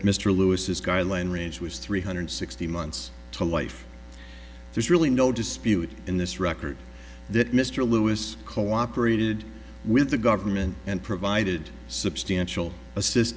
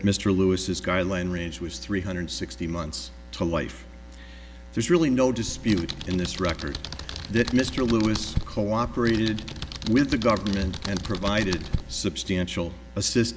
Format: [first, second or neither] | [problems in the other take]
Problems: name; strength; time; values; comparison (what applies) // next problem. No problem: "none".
first | background sound (Computer keyboard); 8 dB below the speech